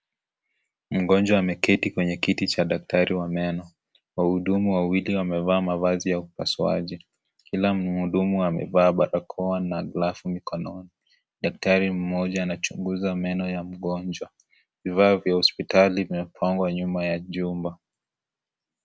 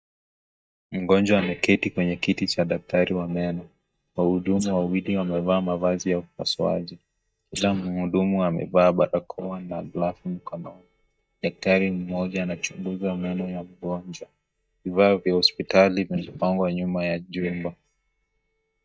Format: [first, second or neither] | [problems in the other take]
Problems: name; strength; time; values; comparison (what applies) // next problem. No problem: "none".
first | noise reduction (neural mask model DeepFilterNet 3)